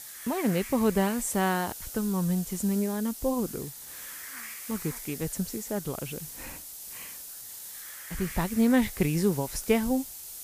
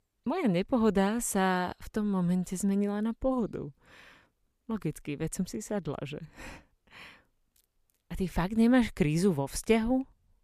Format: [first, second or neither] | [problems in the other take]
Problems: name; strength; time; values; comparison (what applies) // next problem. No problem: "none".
second | hiss; noticeable; throughout; 10 dB below the speech